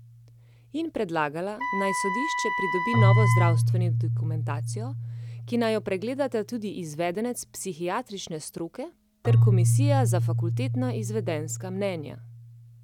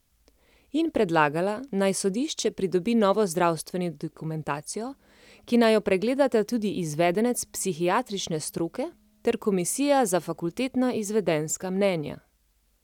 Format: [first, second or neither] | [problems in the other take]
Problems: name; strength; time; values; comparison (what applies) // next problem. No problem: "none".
second | background sound (Keyboard (musical) + Wind instrument, woodwind instrument); 4 dB above the speech